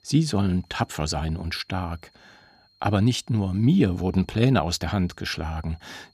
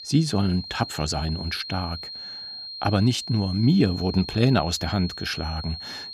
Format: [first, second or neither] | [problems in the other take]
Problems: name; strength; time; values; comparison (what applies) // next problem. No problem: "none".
first | high-pitched whine; loud; throughout; 4 kHz, 10 dB below the speech; faint in the first